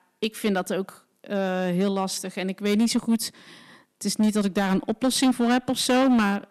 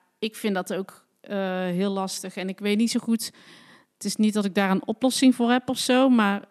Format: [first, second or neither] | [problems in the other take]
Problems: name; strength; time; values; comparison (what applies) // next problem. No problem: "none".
second | distortion; slight; 8% of the sound clipped